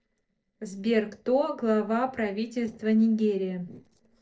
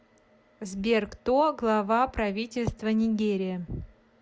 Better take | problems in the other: second | noise reduction (neural separator model SepFormer DNS4)

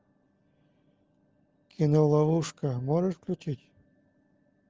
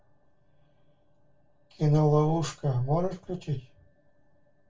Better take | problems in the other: first | room echo; dies away in 0.2 s

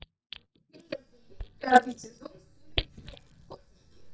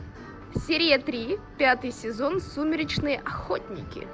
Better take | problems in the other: second | noise reduction (neural mask model DeepFilterNet 3)

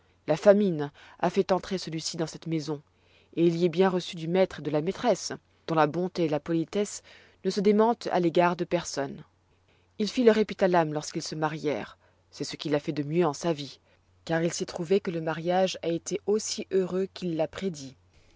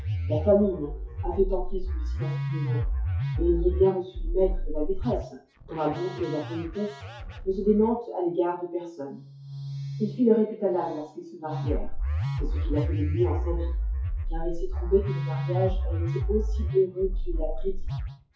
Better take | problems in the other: first | noise reduction (classical method WPE with log-MMSE)

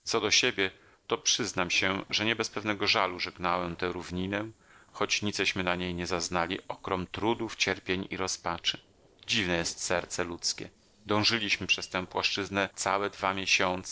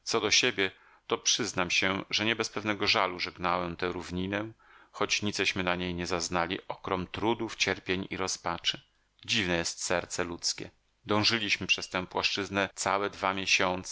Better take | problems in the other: second | noise reduction (neural separator model SepFormer DNS4)

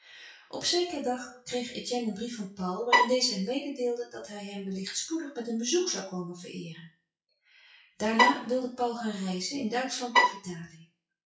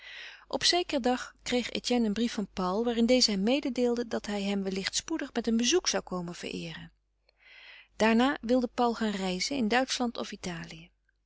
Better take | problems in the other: second | noise reduction (classical method WPE with log-MMSE)

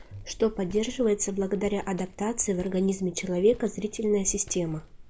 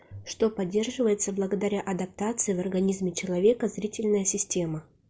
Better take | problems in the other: second | background sound (Walk, footsteps); 16 dB below the speech

